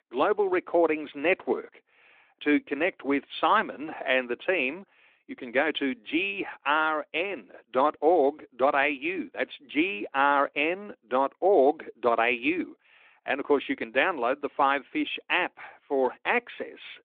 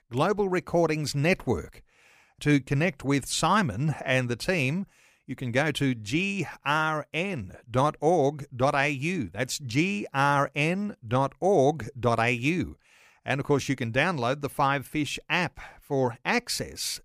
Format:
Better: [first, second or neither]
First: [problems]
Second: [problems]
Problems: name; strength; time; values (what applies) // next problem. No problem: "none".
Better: second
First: phone-call audio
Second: none